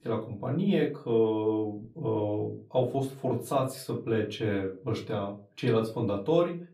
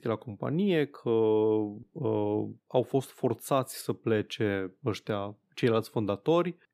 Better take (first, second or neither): second